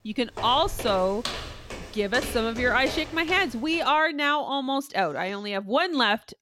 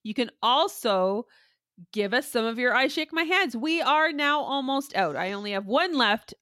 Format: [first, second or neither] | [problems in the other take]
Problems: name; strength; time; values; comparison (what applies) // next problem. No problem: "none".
second | footsteps; noticeable; until 4 s; peak 7 dB below the speech